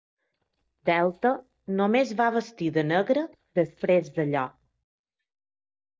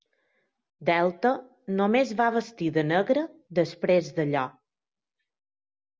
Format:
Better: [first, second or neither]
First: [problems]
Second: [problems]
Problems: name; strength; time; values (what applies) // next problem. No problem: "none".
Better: second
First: noise reduction (neural mask model DeepFilterNet 3)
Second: none